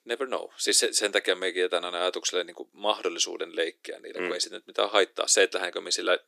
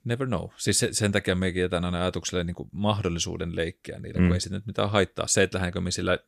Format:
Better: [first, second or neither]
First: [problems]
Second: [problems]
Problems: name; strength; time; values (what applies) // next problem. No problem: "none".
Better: second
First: thin; very; fading below 300 Hz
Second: none